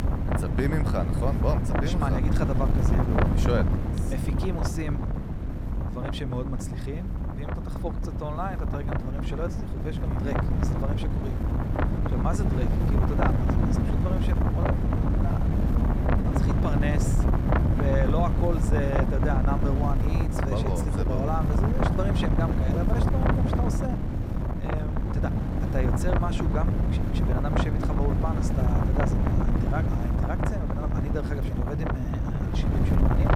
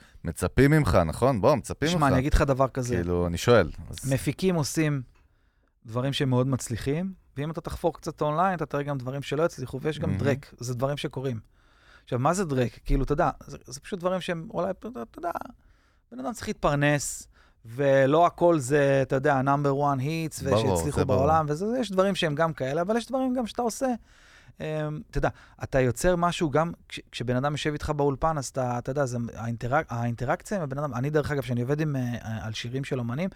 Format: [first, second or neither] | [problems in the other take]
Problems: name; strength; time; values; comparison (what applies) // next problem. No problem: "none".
second | wind noise on the microphone; heavy; 1 dB above the speech